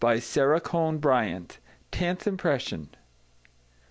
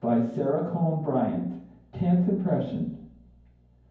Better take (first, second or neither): first